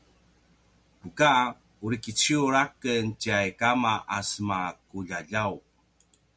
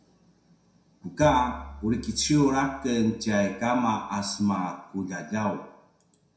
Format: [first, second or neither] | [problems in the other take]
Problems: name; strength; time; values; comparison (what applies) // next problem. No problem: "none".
first | background sound (Bowed string instrument); 17 dB below the speech // room echo; dies away in 0.6 s